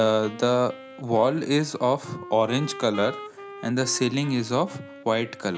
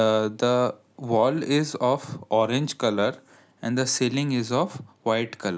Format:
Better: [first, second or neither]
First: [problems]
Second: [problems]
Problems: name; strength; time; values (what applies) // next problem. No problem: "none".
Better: second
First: background sound (Wind instrument, woodwind instrument); 16 dB below the speech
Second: none